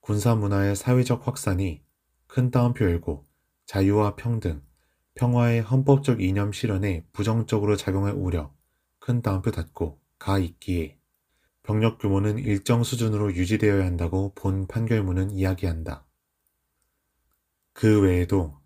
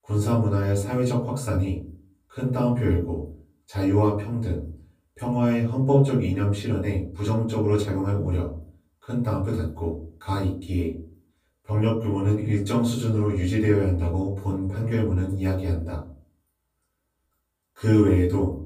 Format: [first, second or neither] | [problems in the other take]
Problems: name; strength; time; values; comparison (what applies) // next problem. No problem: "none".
first | off-mic speech; far // room echo; slight; dies away in 0.4 s